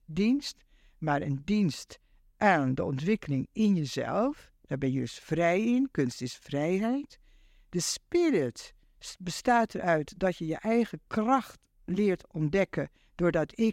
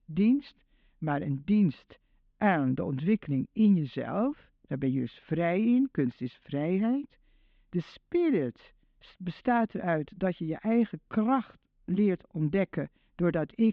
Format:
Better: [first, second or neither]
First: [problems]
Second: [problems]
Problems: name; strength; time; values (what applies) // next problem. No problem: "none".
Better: first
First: none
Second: muffled; very; fading above 3.5 kHz